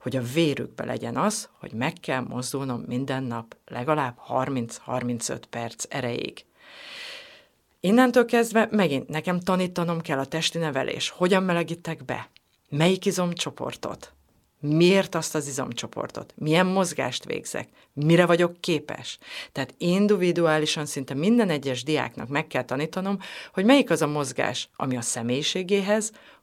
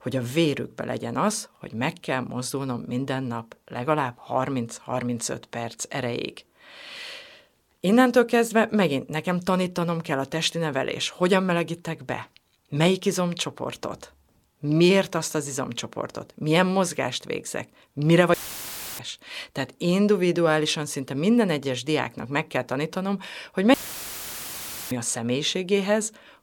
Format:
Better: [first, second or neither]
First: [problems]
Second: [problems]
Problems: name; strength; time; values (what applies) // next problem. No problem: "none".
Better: first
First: none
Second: audio cutting out; filled with static; at 18 s for 0.5 s and at 24 s for 1 s